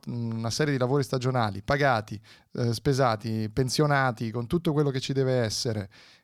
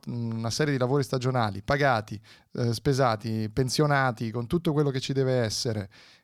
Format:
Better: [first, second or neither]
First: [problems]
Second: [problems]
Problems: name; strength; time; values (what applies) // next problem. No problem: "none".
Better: neither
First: none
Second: none